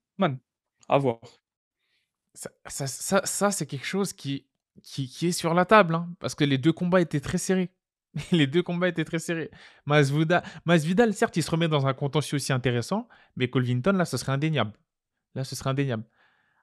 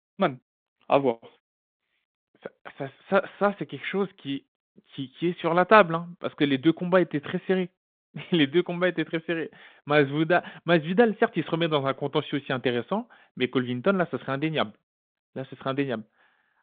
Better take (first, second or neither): first